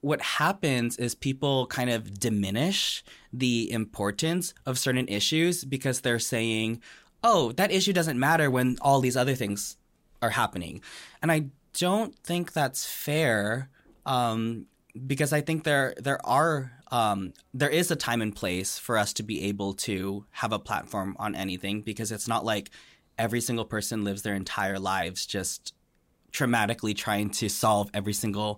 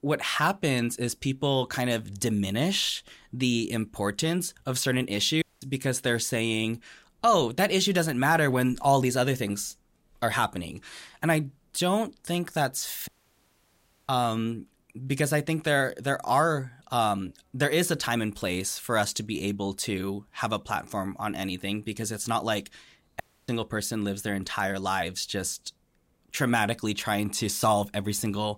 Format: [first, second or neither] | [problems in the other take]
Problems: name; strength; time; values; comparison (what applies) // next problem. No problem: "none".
first | audio cutting out; at 5.5 s, at 13 s for 1 s and at 23 s